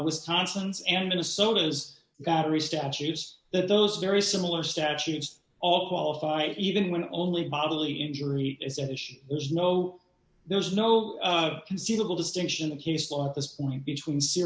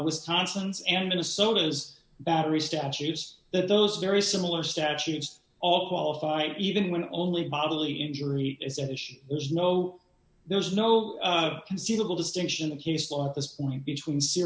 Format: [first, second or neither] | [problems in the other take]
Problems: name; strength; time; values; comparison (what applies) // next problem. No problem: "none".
second | noise reduction (neural mask model Resemble Enhance denoiser)